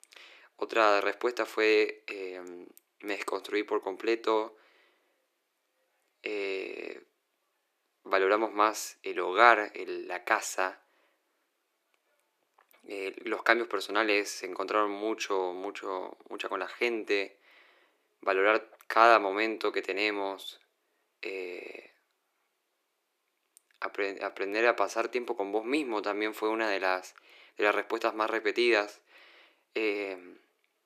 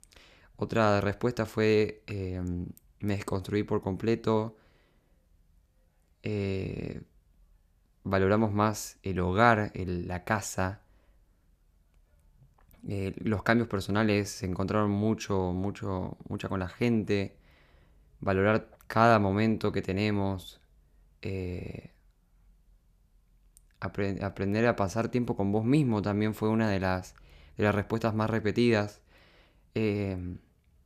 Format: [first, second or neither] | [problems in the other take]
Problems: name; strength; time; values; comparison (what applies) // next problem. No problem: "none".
second | thin; very; fading below 350 Hz